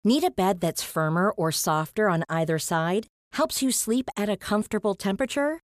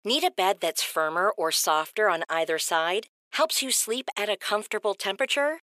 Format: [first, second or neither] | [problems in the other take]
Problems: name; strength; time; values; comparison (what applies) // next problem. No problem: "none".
first | thin; very; fading below 400 Hz